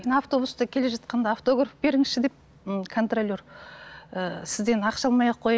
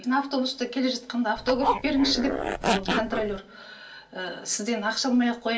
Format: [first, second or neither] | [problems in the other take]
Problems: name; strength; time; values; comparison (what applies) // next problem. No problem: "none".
first | background sound (Zipper (clothing)); 1 dB below the speech // room echo; dies away in 0.3 s